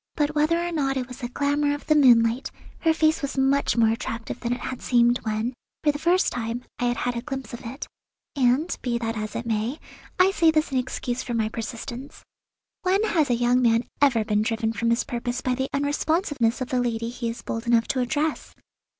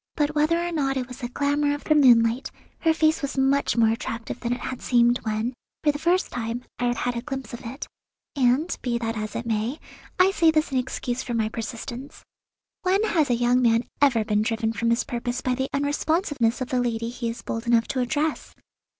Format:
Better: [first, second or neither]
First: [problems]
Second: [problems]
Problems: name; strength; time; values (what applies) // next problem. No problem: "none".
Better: first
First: none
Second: noise reduction (neural separator model SepFormer DNS4)